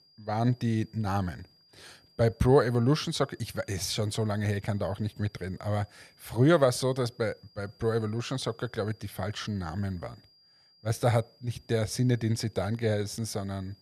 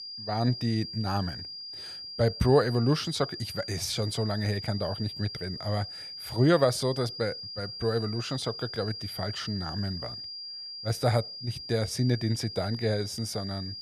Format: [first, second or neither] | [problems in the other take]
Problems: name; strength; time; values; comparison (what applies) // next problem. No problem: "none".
first | high-pitched whine; loud; throughout; 5 kHz, 8 dB below the speech; faint in the first